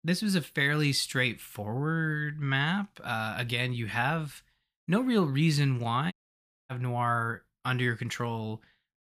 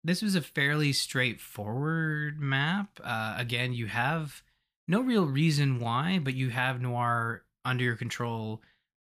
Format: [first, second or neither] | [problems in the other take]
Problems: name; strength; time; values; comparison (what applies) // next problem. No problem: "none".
second | audio cutting out; at 6 s for 0.5 s